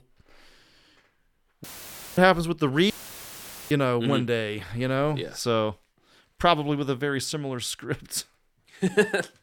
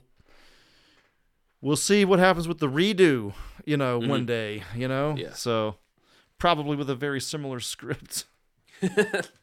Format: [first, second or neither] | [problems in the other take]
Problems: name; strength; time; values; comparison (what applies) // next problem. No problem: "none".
second | audio cutting out; filled with static; at 1.5 s for 0.5 s and at 3 s for 1 s